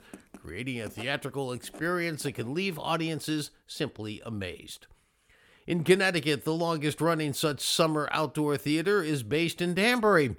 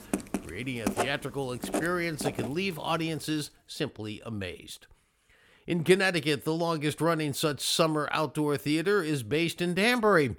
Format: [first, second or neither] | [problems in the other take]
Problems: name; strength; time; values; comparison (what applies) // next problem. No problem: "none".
first | household noises; loud; until 3.5 s; 6 dB below the speech; faint in the first